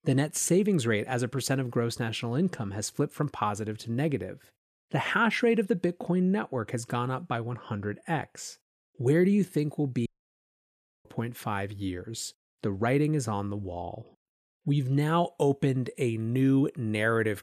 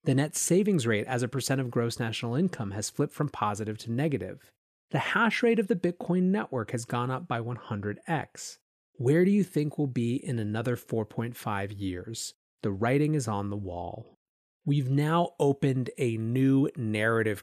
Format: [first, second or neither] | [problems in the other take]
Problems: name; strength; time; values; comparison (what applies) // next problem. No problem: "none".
second | audio cutting out; at 10 s for 1 s